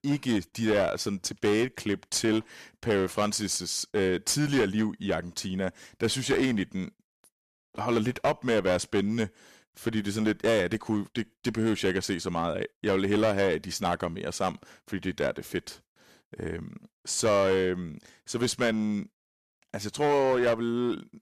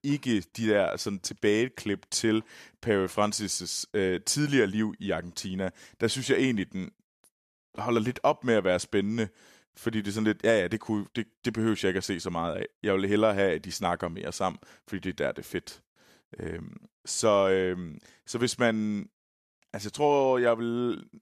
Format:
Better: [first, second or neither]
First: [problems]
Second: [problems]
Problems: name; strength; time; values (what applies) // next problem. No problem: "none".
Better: second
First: distortion; slight; 7% of the sound clipped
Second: none